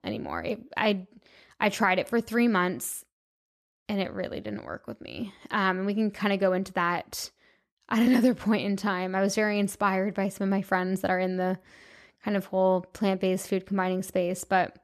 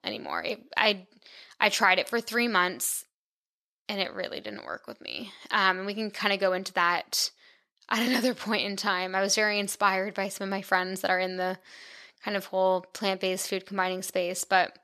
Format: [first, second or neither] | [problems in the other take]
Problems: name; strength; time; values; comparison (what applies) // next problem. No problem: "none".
first | thin; somewhat; fading below 800 Hz